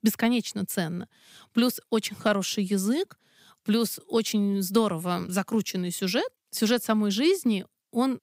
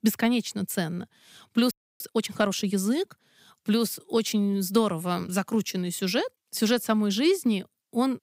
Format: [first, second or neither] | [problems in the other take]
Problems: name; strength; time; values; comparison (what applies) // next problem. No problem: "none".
first | audio freezing; at 1.5 s